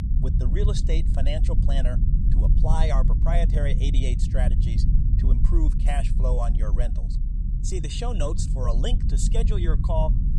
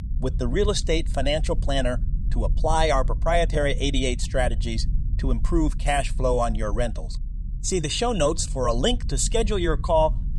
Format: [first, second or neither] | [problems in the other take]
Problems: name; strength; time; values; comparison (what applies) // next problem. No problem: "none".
second | low rumble; loud; throughout; 7 dB below the speech; faint in the second